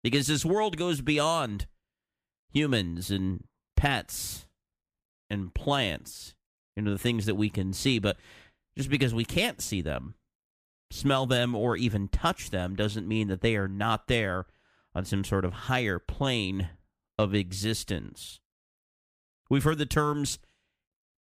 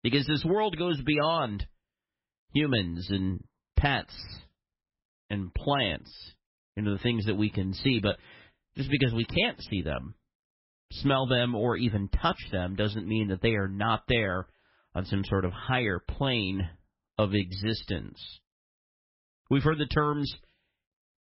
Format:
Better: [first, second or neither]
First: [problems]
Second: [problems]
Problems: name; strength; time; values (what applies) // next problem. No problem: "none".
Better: first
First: none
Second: garbled, watery; badly; nothing above 5.5 kHz